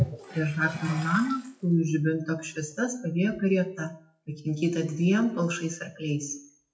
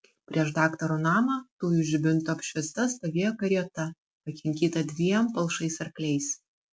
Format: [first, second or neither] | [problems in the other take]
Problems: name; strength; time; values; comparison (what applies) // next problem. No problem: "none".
second | noise reduction (classical method WPE with log-MMSE)